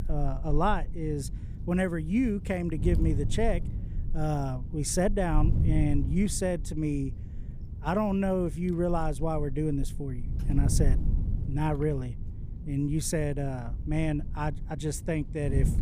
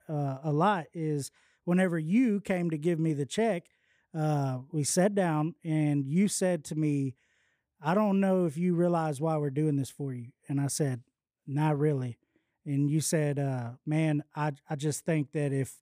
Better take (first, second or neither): second